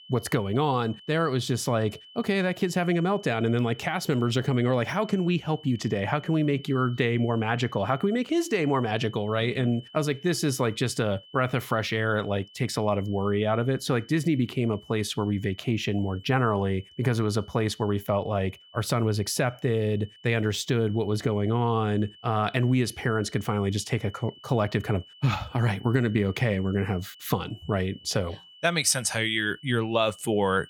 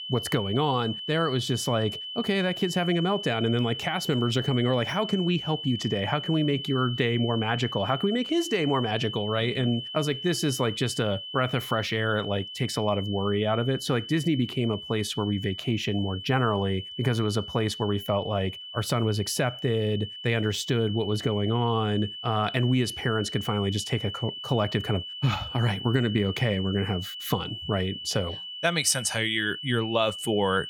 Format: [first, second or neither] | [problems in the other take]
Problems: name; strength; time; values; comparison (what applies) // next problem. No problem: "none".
first | high-pitched whine; loud; throughout; 3 kHz, 8 dB below the speech; faint in the first